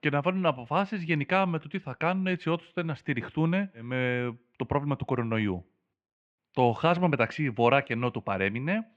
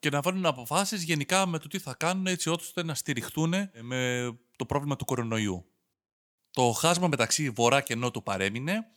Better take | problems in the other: second | muffled; very; fading above 2.5 kHz

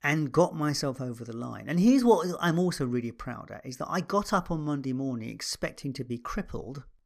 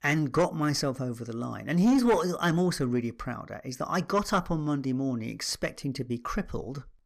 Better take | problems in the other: first | distortion; slight; 10 dB below the speech

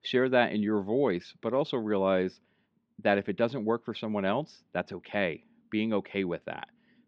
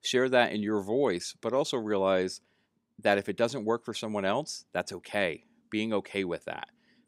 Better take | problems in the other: second | muffled; slightly; fading above 3.5 kHz

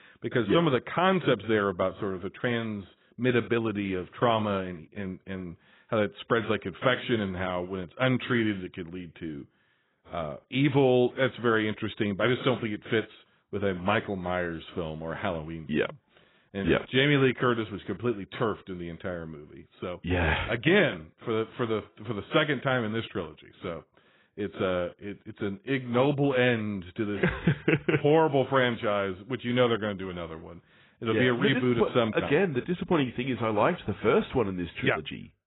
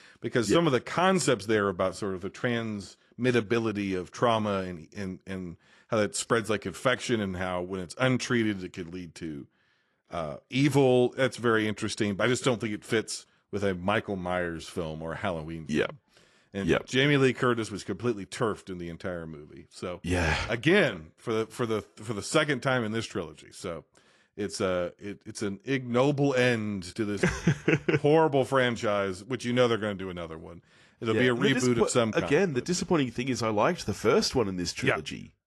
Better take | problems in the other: second | garbled, watery; badly; nothing above 3.5 kHz; slightly in the second

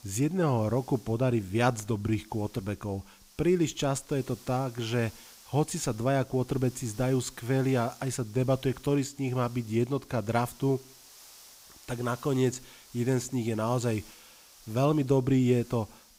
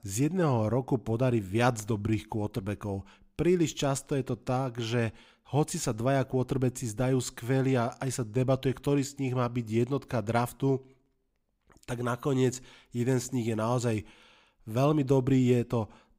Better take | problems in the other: second | hiss; faint; throughout; 20 dB below the speech

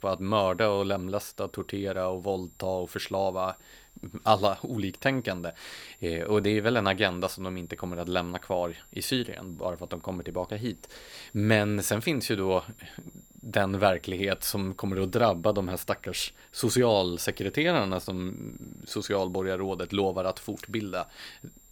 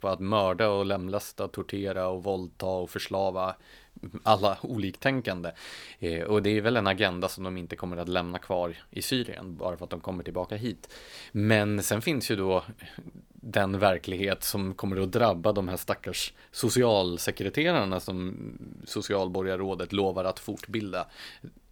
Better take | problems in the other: second | high-pitched whine; faint; throughout; 7.5 kHz, 30 dB below the speech

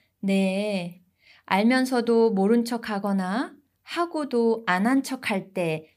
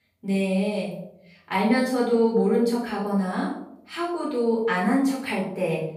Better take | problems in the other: first | off-mic speech; far // room echo; noticeable; dies away in 0.6 s

